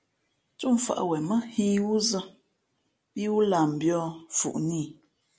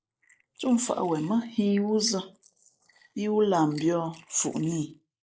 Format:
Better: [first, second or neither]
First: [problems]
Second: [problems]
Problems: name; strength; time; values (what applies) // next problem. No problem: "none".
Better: first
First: none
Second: noise reduction (neural mask model Resemble Enhance denoiser)